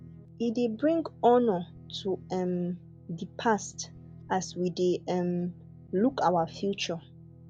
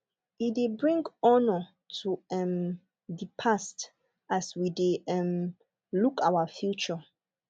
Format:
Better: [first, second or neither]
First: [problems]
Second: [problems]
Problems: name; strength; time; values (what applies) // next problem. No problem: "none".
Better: second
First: background sound (Guitar); 19 dB below the speech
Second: none